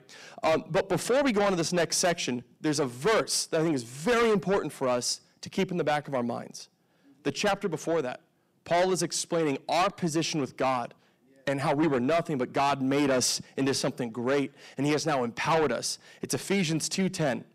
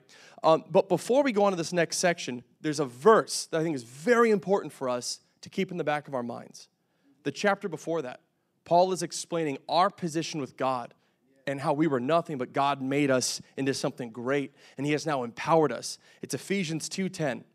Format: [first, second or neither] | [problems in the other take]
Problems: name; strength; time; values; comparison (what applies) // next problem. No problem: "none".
second | distortion; heavy; 6 dB below the speech